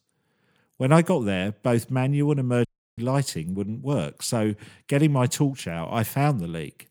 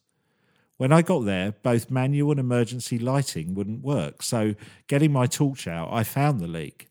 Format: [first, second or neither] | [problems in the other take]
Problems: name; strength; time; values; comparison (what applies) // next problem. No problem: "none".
second | audio cutting out; at 2.5 s